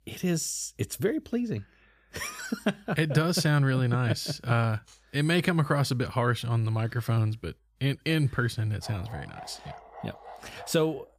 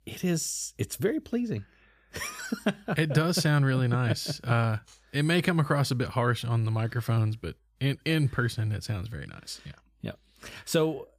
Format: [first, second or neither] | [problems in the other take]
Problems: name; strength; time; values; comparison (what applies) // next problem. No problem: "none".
second | dog barking; faint; from 9 s on; peak 15 dB below the speech